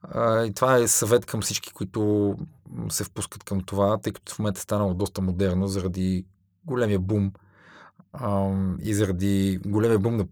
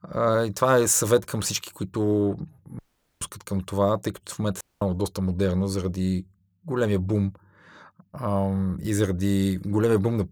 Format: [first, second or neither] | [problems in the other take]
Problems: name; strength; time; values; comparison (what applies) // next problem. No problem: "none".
first | audio cutting out; at 3 s and at 4.5 s